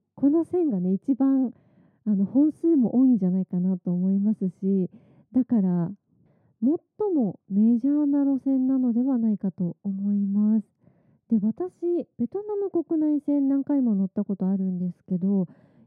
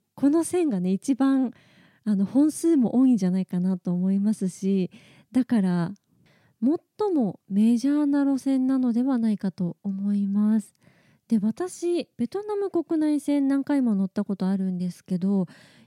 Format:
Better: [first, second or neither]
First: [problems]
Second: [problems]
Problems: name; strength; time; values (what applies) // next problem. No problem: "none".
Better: second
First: muffled; very; fading above 1.5 kHz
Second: none